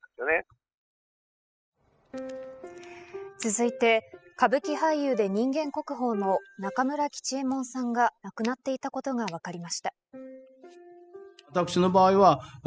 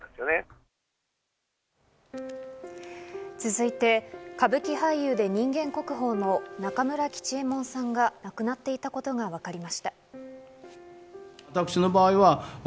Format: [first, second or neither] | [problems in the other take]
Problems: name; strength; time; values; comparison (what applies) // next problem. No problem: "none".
second | noise reduction (classical method spectral subtraction)